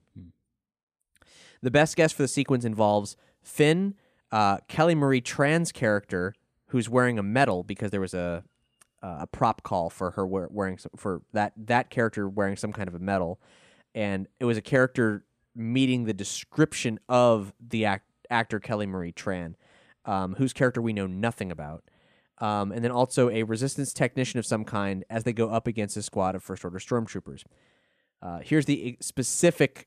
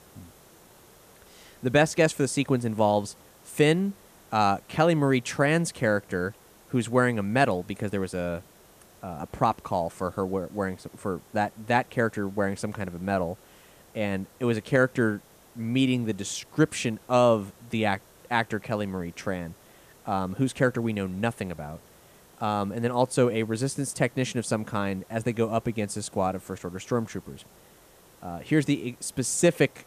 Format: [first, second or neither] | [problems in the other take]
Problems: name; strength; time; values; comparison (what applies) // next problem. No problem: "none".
first | hiss; faint; throughout; 25 dB below the speech